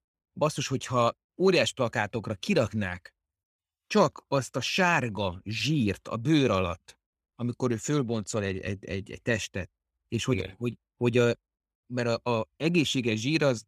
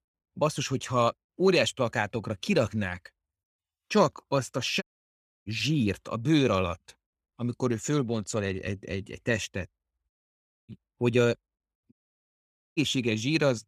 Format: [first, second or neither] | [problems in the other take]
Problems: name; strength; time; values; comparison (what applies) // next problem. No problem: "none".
first | audio cutting out; at 5 s for 0.5 s, at 10 s for 0.5 s and at 12 s for 1 s